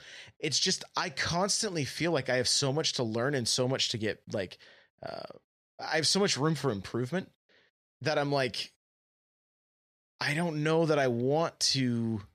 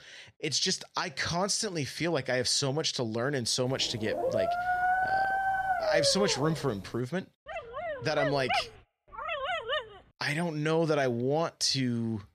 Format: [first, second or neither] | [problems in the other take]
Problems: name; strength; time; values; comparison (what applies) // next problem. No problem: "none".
first | dog barking; loud; from 4 to 6.5 s; peak 3 dB above the speech // dog barking; noticeable; from 7.5 to 10 s; peak level with the speech